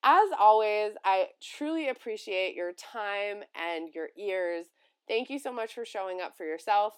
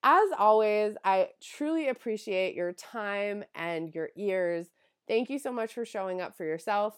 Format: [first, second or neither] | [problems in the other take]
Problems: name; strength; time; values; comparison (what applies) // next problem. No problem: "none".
second | thin; very slightly; fading below 250 Hz